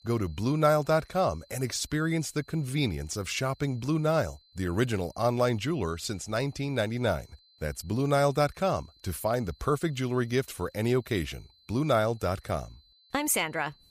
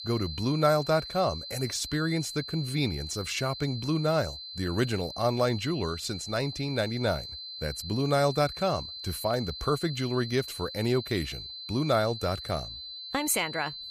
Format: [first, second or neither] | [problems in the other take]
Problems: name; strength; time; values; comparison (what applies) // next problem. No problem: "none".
first | high-pitched whine; loud; throughout; 4 kHz, 9 dB below the speech; faint in the first